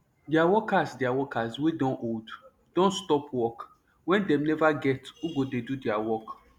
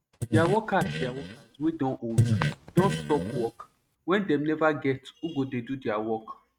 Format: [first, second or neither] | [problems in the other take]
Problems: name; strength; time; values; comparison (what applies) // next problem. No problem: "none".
first | noise reduction (neural mask model RNNoise)